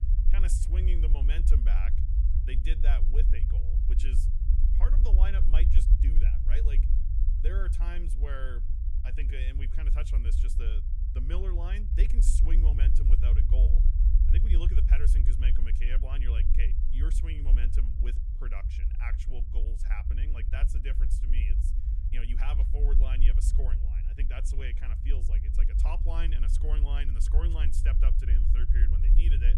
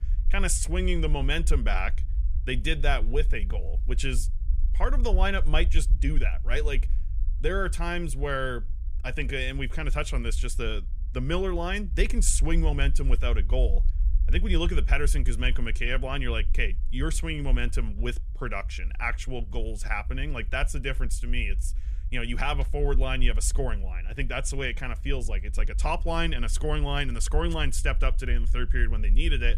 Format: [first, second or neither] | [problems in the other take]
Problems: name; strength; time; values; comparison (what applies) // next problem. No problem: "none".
second | low rumble; loud; throughout; 5 dB below the speech; faint in the second